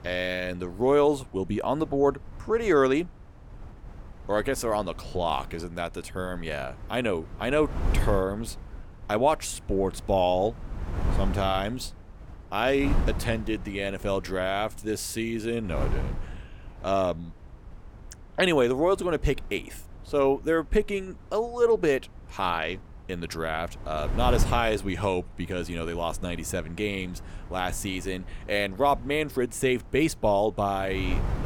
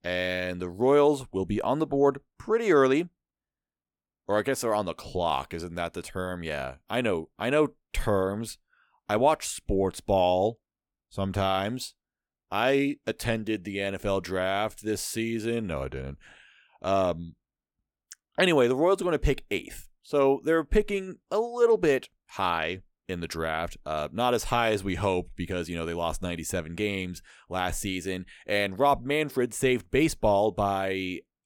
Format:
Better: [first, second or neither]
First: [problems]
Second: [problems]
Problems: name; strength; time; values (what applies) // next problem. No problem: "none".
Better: second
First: wind noise on the microphone; occasional gusts; 20 dB below the speech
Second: none